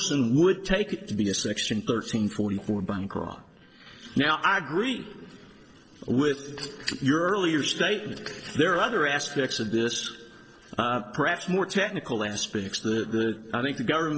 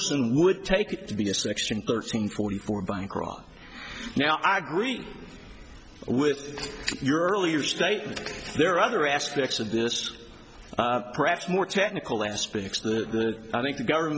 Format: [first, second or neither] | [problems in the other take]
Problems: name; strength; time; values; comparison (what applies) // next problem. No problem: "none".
second | noise reduction (neural separator model SepFormer DNS4)